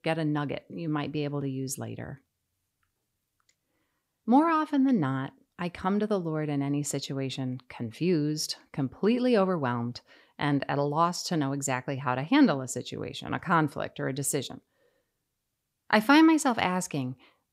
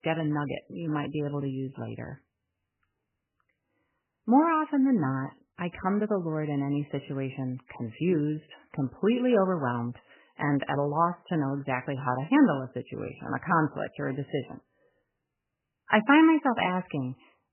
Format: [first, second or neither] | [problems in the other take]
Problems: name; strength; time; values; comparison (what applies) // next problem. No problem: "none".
first | garbled, watery; badly; nothing above 3 kHz